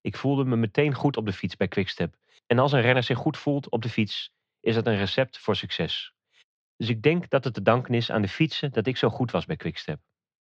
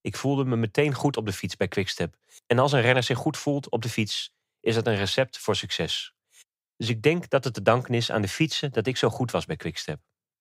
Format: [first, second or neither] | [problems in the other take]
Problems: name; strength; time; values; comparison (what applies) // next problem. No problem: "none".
second | muffled; very slightly; fading above 4 kHz